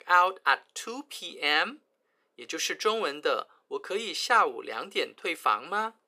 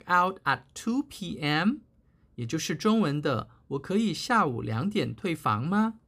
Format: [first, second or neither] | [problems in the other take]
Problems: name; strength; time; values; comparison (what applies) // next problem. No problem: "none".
second | thin; very; fading below 450 Hz